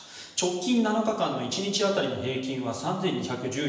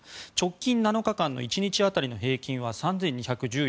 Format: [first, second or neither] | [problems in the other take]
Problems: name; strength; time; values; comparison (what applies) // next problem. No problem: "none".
second | room echo; dies away in 1 s